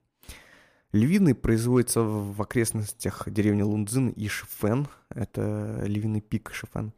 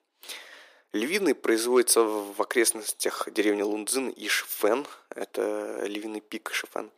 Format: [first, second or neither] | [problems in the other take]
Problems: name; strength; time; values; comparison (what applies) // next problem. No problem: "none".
first | thin; very; fading below 350 Hz